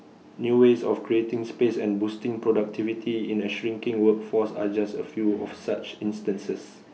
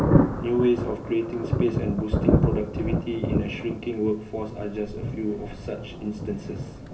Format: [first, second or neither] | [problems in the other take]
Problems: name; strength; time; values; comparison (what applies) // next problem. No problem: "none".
first | background sound (Thunder); 2 dB above the speech // room echo; dies away in 0.4 s